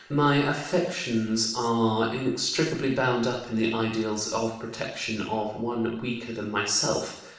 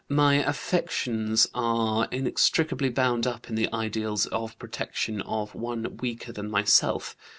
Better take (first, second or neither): second